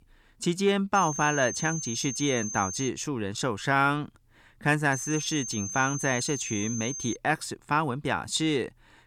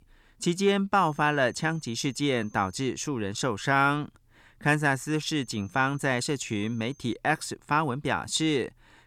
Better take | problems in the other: second | high-pitched whine; loud; from 1 to 3 s and from 5 to 7 s; 6.5 kHz, 6 dB below the speech; faint in the second

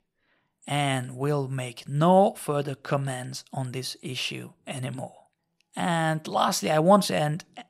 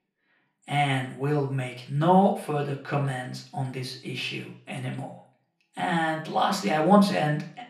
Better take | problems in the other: first | room echo; slight; dies away in 0.4 s // off-mic speech; far

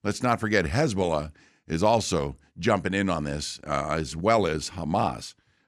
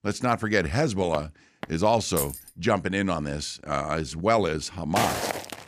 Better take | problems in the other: first | footsteps; faint; at 1 s; peak 15 dB below the speech // jangling keys; noticeable; at 2 s; peak 5 dB below the speech // footsteps; noticeable; at 5 s; peak 1 dB below the speech

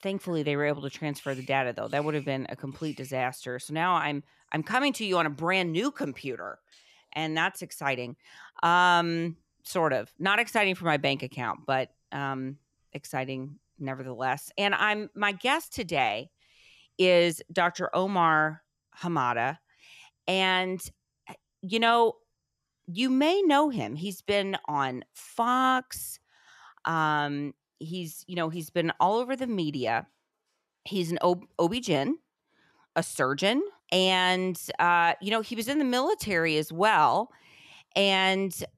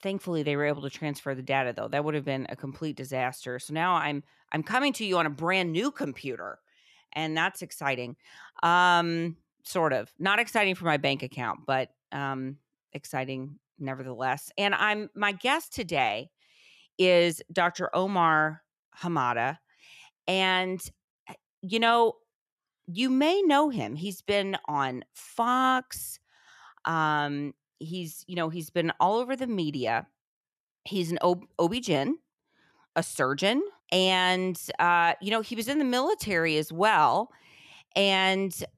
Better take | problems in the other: second | animal sounds; faint; throughout; 30 dB below the speech

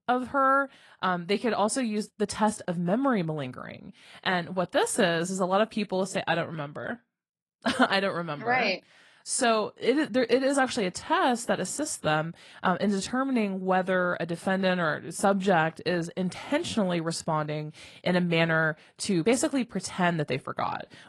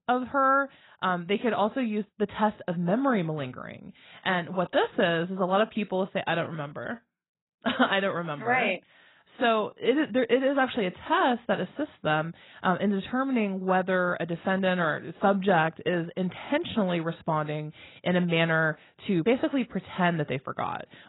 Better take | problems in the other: first | garbled, watery; badly; nothing above 4 kHz; slightly in the first

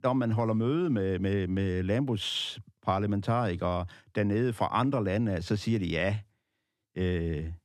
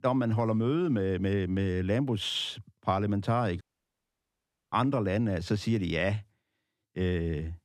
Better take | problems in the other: first | audio cutting out; at 3.5 s for 1 s

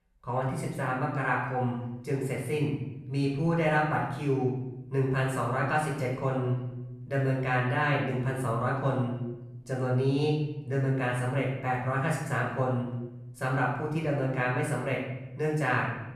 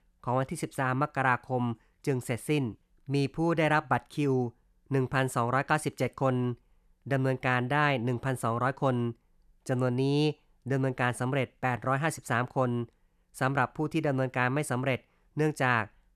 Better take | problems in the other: second | off-mic speech; far // room echo; noticeable; dies away in 0.9 s

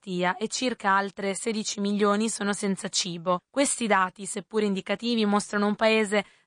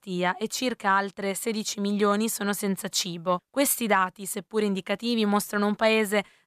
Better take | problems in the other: second | garbled, watery; slightly

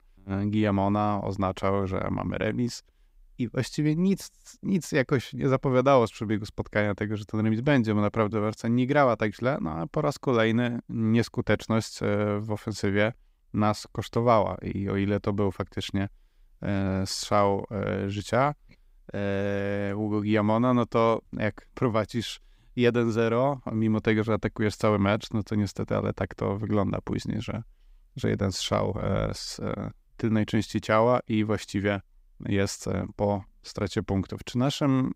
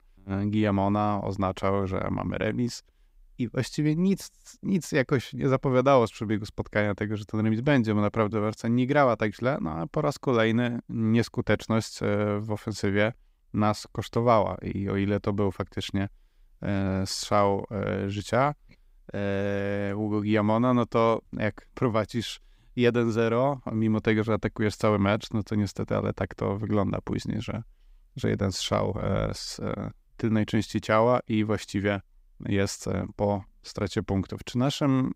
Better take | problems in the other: neither | none

